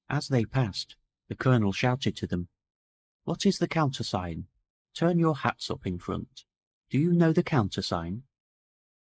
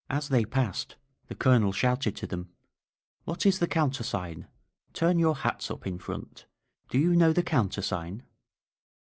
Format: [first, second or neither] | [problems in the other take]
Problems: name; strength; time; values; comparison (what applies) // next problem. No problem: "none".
second | noise reduction (neural mask model Resemble Enhance denoiser)